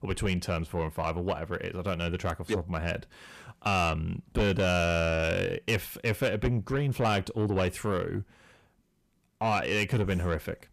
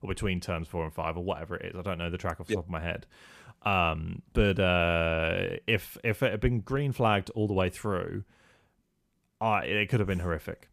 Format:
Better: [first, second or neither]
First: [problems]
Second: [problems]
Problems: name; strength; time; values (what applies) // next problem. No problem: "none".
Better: second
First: distortion; slight; 10 dB below the speech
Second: none